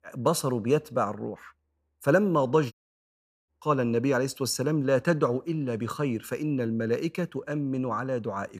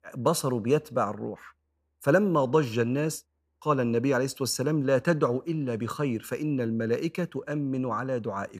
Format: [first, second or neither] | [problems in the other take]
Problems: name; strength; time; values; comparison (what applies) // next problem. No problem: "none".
second | audio cutting out; at 2.5 s for 1 s